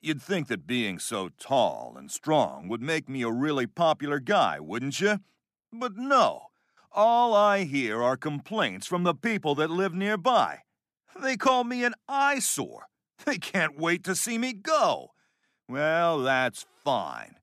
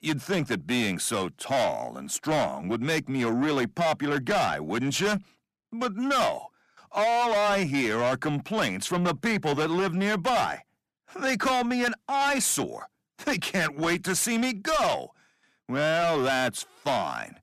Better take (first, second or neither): first